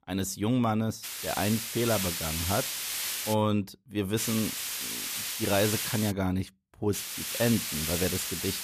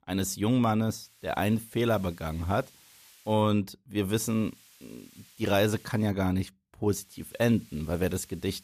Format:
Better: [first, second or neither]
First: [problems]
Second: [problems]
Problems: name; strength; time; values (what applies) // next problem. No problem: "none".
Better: second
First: hiss; loud; from 1 to 3.5 s, from 4 to 6 s and from 7 s on; 2 dB below the speech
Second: hiss; faint; from 1 to 3.5 s, from 4 to 6 s and from 7 s on; 25 dB below the speech